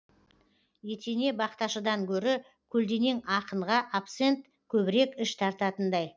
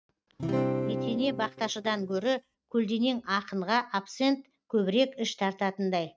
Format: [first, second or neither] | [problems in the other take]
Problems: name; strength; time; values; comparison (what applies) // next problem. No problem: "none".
first | noise reduction (neural mask model RNNoise)